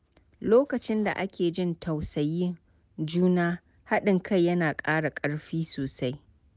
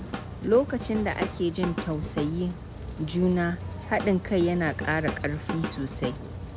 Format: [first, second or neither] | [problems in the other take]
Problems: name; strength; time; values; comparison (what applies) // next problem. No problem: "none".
first | background sound (Drum / Drum kit + Rain); 7 dB below the speech